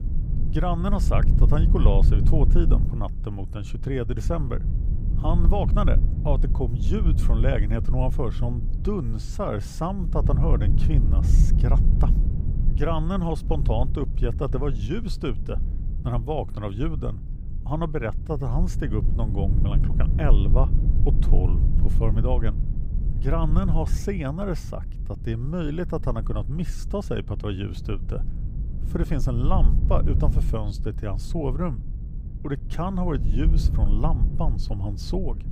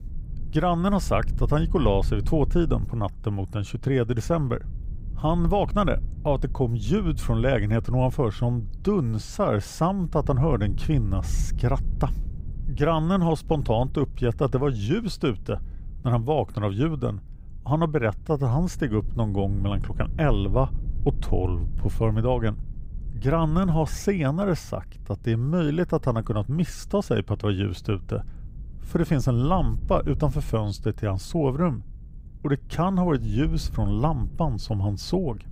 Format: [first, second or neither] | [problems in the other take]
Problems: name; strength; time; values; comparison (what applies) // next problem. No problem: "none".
second | low rumble; loud; throughout; 9 dB below the speech; faint in the second